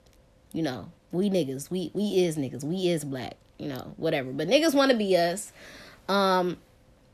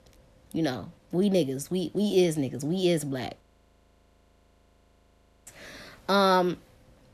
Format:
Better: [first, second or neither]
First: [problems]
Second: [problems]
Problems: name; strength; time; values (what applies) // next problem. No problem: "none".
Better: first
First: none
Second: audio freezing; at 3.5 s for 2 s